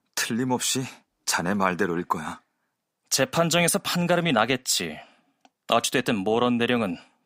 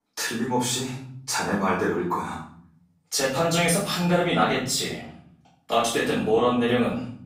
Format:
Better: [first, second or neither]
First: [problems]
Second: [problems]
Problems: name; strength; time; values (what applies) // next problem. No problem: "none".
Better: first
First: none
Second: off-mic speech; far // room echo; noticeable; dies away in 0.7 s